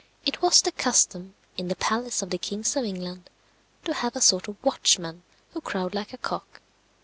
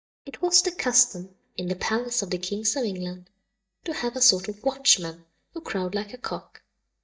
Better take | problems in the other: first | noise reduction (neural mask model DeepFilterNet 3)

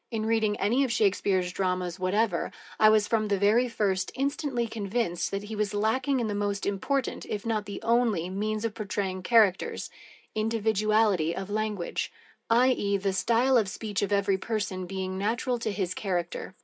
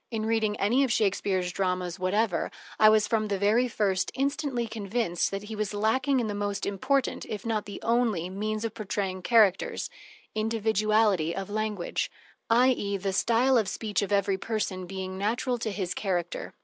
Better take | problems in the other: second | room echo; dies away in 0.3 s

